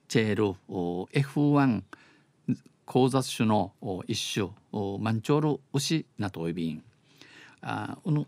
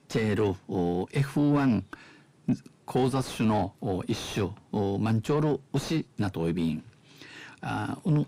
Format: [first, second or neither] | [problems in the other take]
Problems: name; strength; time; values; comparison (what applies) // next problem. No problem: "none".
first | distortion; heavy; 8 dB below the speech